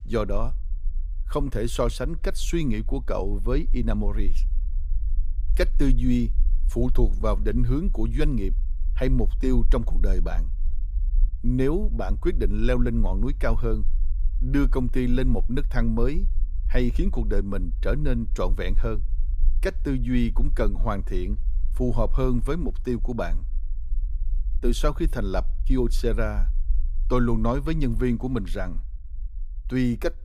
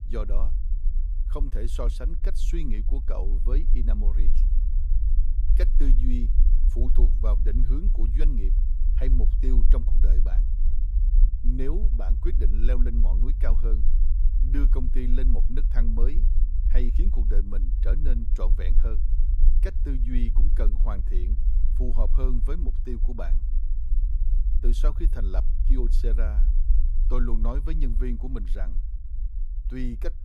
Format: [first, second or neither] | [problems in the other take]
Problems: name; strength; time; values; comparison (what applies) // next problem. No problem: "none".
first | low rumble; loud; throughout; 9 dB below the speech; faint in the first